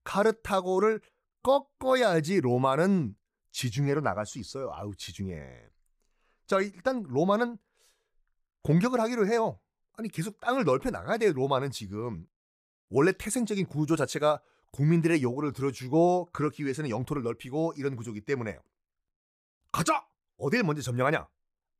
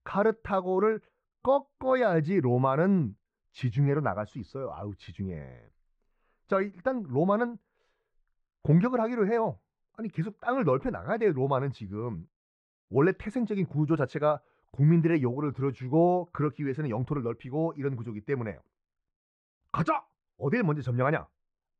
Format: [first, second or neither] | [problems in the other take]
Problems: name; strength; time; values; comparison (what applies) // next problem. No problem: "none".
first | muffled; very; fading above 2 kHz